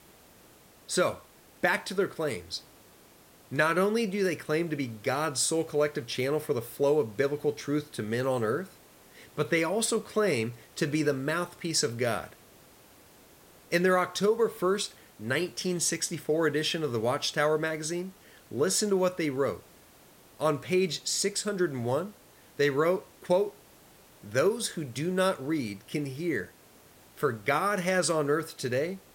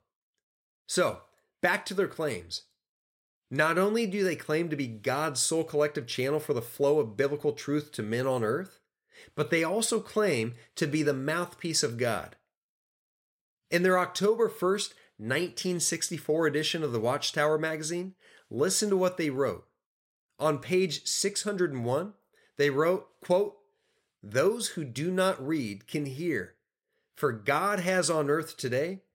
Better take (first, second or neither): second